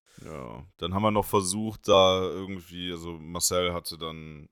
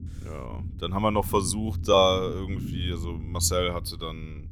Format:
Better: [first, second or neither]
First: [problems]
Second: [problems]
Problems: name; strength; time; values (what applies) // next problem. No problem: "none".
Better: first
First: none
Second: low rumble; faint; throughout; 20 dB below the speech